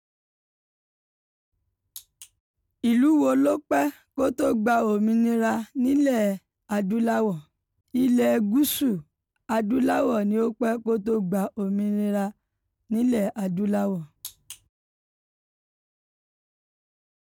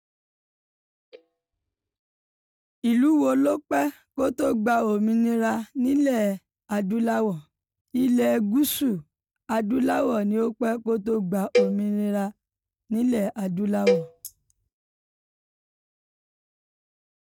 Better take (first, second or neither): first